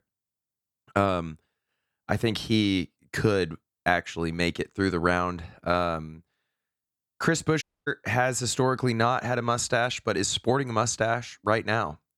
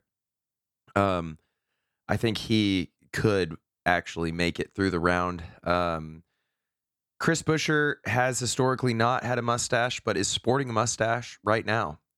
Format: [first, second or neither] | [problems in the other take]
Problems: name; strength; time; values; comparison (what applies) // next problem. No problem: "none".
second | audio cutting out; at 7.5 s